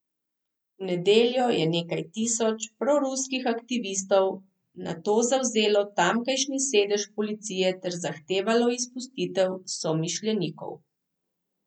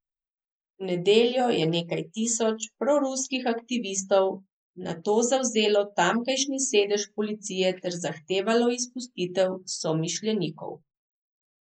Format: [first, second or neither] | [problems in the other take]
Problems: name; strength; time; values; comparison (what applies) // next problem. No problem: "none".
first | noise reduction (neural mask model Resemble Enhance denoiser)